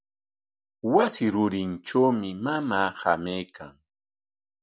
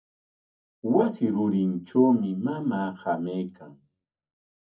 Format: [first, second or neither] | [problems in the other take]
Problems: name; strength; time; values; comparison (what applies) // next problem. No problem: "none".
first | room echo; dies away in 0.3 s